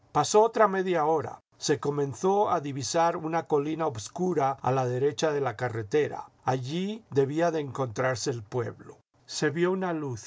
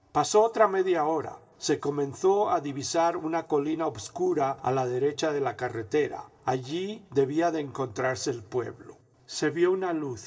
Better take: first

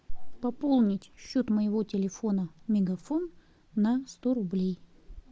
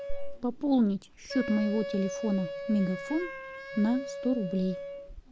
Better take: first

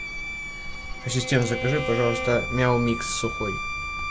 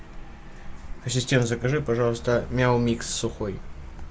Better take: second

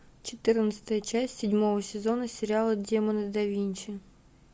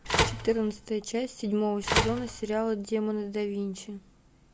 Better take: first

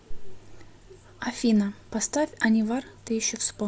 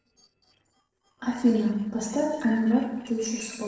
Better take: first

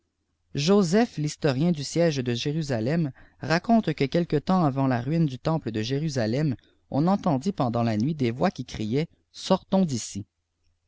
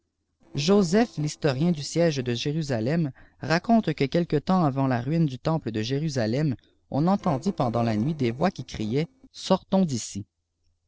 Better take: first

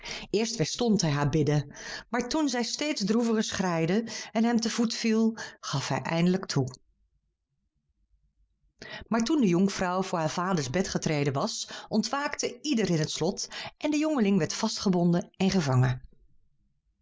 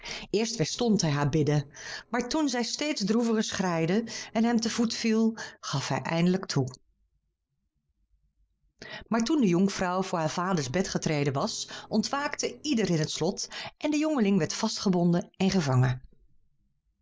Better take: first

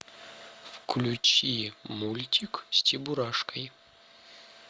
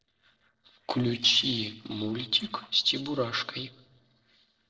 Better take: first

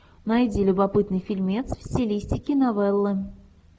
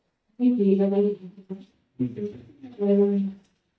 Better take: first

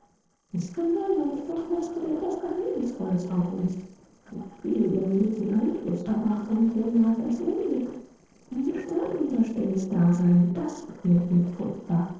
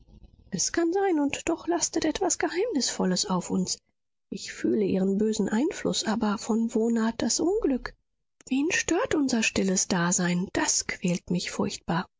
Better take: second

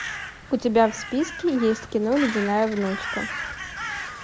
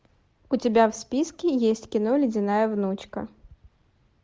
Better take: second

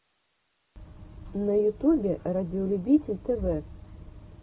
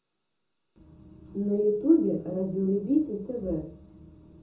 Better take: first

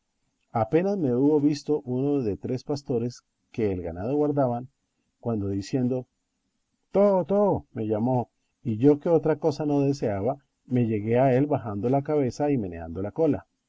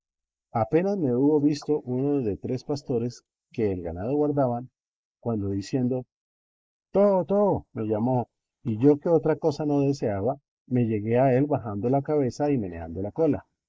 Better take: first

